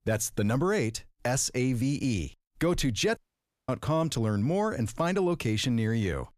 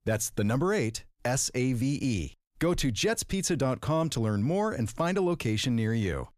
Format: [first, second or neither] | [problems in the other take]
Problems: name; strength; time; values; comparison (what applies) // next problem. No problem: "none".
second | audio cutting out; at 3 s for 0.5 s